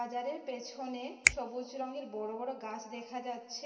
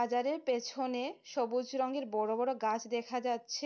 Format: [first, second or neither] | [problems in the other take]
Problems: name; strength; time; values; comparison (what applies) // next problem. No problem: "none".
second | background sound (Finger snapping); 3 dB above the speech // room echo; dies away in 2.8 s